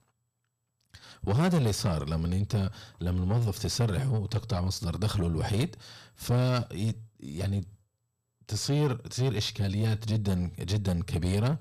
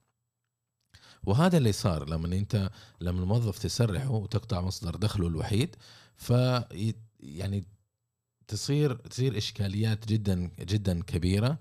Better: second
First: distortion; slight; 9 dB below the speech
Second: none

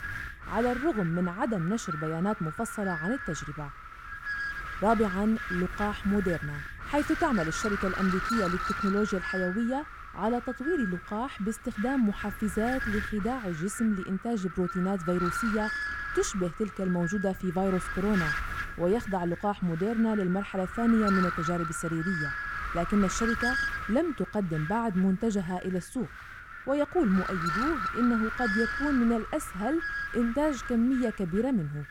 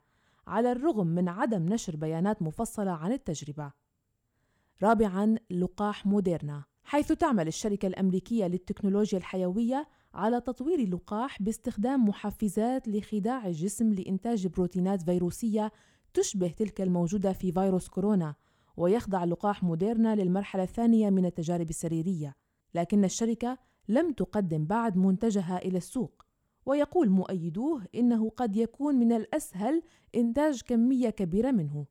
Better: second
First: wind noise on the microphone; heavy; as loud as the speech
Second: none

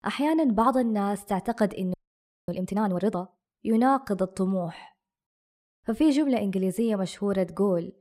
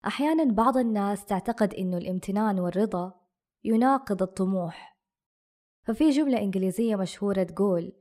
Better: second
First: audio freezing; at 2 s for 0.5 s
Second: none

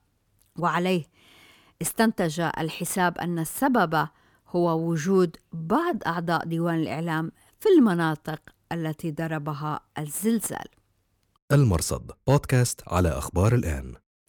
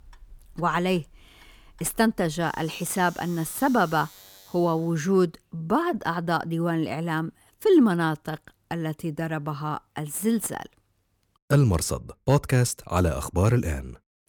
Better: first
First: none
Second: household noises; faint; until 4.5 s; 25 dB below the speech

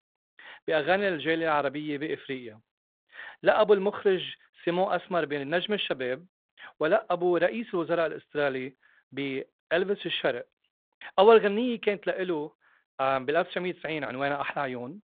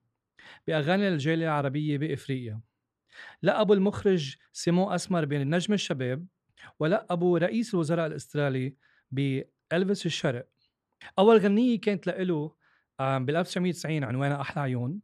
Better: second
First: phone-call audio; nothing above 3.5 kHz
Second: none

